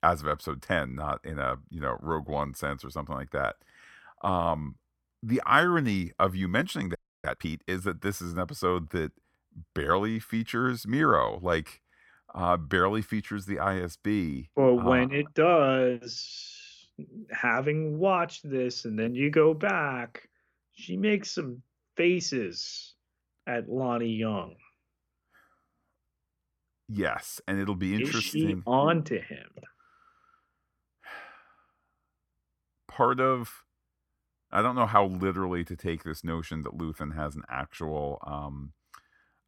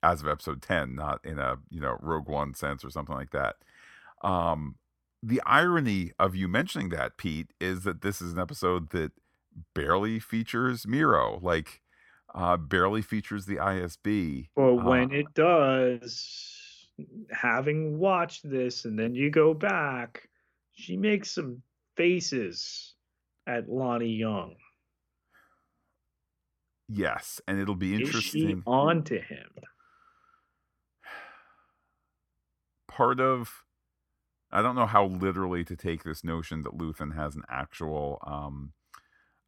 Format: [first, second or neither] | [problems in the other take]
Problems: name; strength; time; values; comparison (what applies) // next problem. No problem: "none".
second | audio freezing; at 7 s